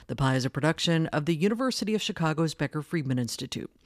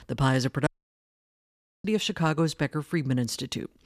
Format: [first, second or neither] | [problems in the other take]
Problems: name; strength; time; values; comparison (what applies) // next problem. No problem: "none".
first | audio cutting out; at 0.5 s for 1 s